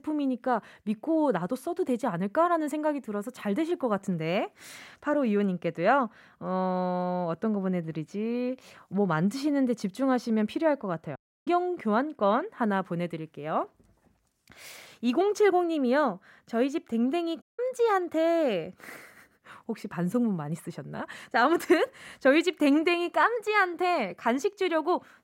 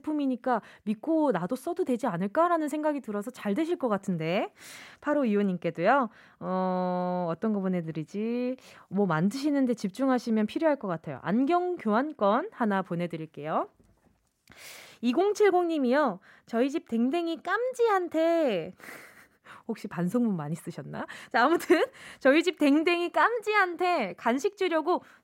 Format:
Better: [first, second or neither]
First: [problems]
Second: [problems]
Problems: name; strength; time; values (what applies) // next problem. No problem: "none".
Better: second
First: audio cutting out; at 11 s and at 17 s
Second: none